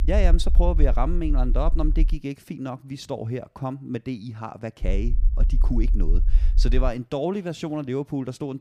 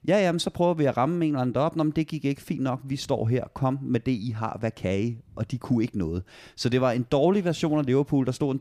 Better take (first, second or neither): second